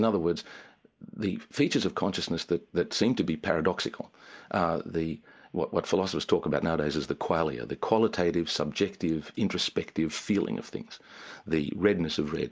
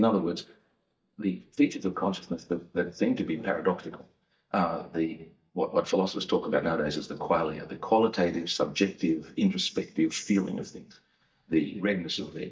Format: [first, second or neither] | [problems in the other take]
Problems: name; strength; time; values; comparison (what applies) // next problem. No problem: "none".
first | noise reduction (neural mask model DeepFilterNet 3)